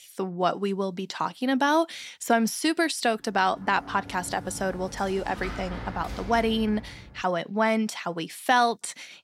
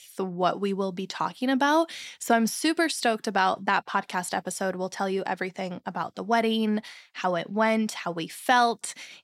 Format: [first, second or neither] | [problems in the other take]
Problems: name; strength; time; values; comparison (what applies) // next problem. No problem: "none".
second | door banging; noticeable; from 3.5 to 7 s; peak 10 dB below the speech